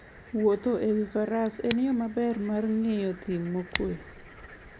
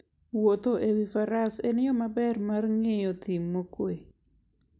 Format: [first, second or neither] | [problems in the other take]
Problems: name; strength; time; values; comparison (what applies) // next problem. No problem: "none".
second | background sound (Scissors + Cricket); 15 dB below the speech